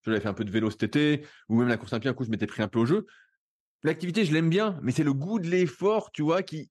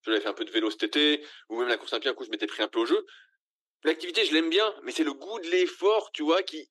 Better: first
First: none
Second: thin; somewhat; fading below 300 Hz

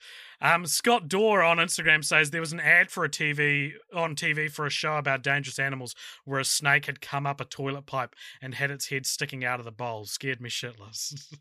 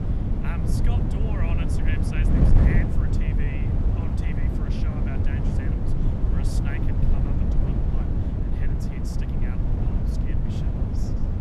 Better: first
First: none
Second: wind noise on the microphone; heavy; 5 dB above the speech

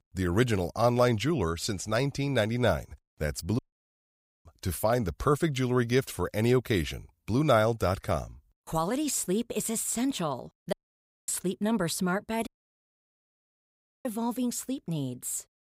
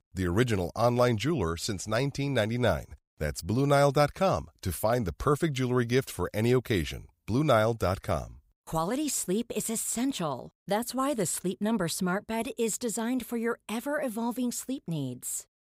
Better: second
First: audio cutting out; at 3.5 s for 1 s, at 11 s for 0.5 s and at 12 s for 1.5 s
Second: none

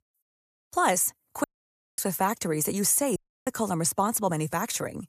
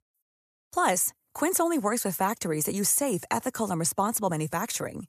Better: second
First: audio cutting out; at 1.5 s for 0.5 s and at 3 s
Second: none

